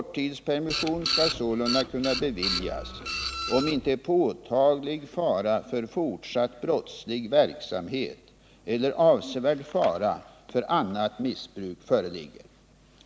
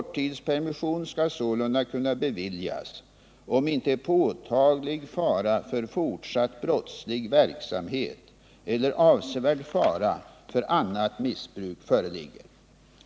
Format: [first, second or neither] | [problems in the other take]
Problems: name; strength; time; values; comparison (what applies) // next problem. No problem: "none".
second | background sound (Printer); 4 dB below the speech